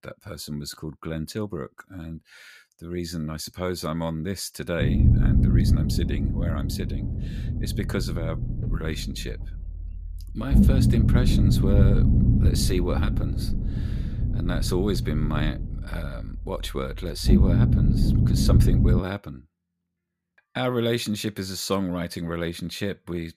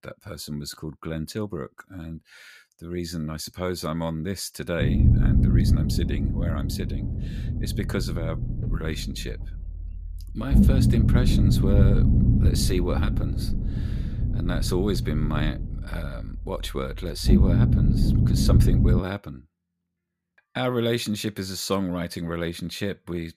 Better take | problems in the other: neither | low rumble; loud; from 5 to 19 s; 2 dB below the speech; the same in both

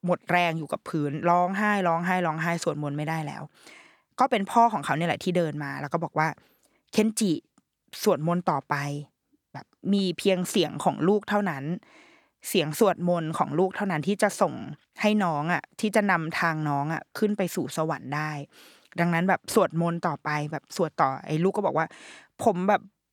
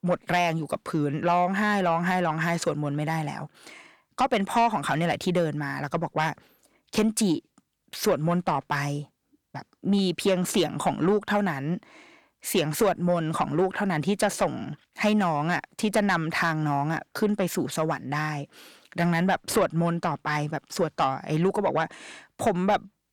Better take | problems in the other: first | distortion; slight; 10 dB below the speech

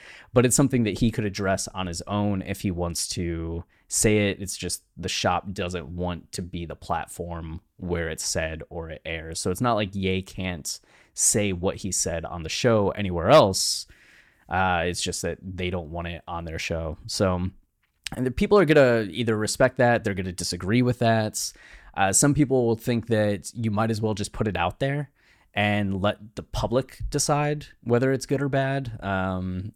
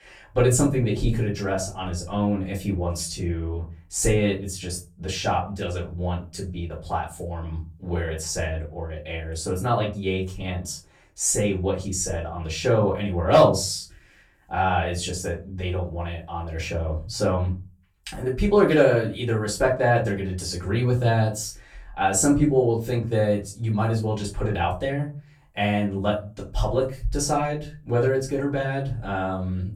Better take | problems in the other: first | off-mic speech; far // room echo; slight; dies away in 0.3 s

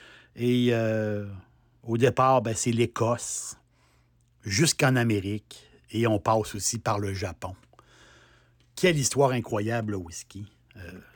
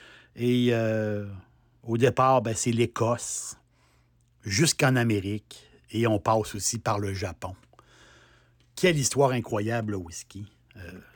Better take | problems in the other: neither | none

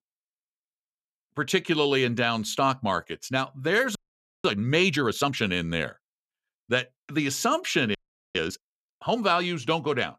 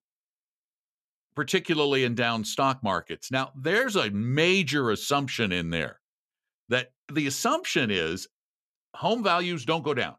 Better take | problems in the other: second | audio freezing; at 4 s and at 8 s

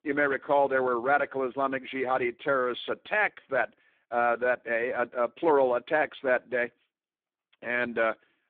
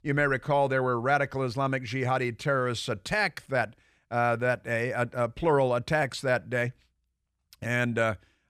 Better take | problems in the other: second | phone-call audio; poor line; nothing above 3.5 kHz

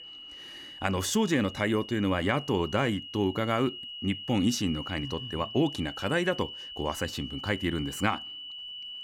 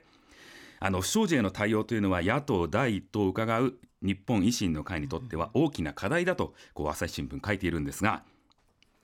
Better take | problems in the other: second | high-pitched whine; loud; throughout; 3 kHz, 10 dB below the speech

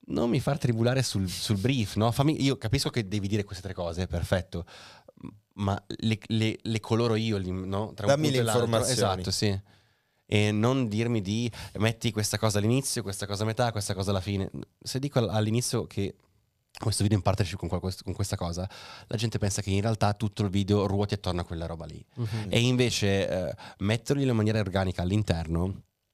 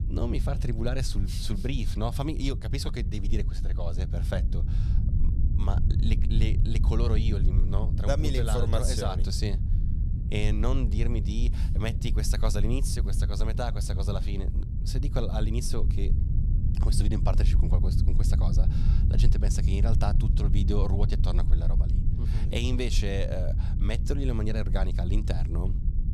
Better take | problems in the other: first | low rumble; loud; throughout; 8 dB below the speech

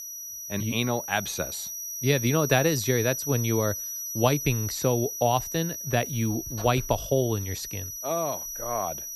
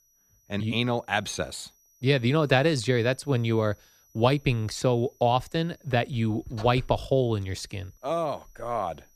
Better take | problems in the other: second | high-pitched whine; loud; throughout; 6 kHz, 5 dB below the speech; faint in the second

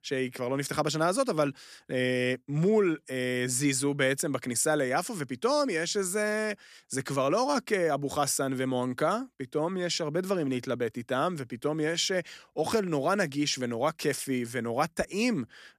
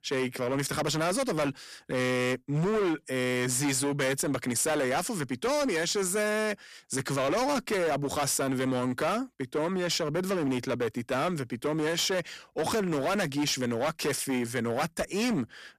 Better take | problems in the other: first | distortion; heavy; 21% of the sound clipped

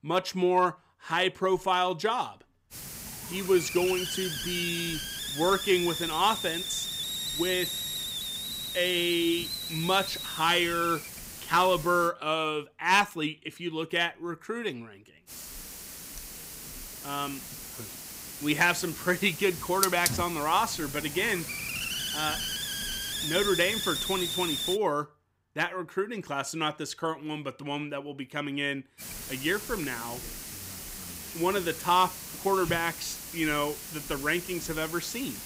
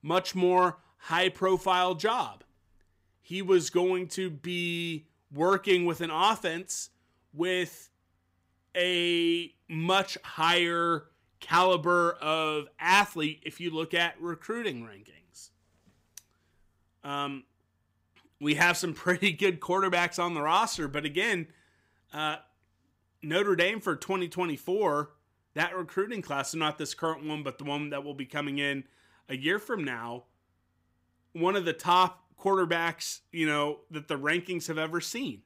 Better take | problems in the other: second | hiss; loud; from 2.5 to 12 s, from 15 to 25 s and from 29 s on; 5 dB below the speech

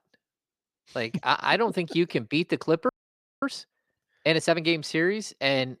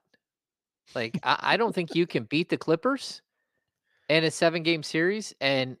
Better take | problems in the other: second | audio freezing; at 3 s for 0.5 s

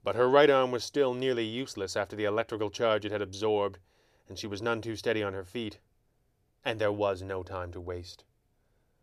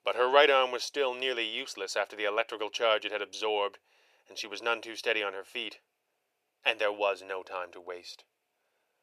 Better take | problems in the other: first | thin; very; fading below 650 Hz

